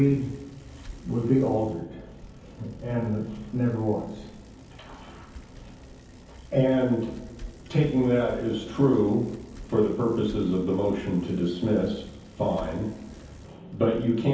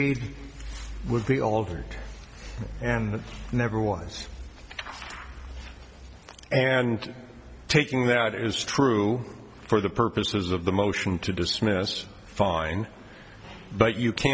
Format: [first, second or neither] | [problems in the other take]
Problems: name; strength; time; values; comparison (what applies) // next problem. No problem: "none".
second | background sound (Bicycle); 19 dB below the speech // room echo; dies away in 0.7 s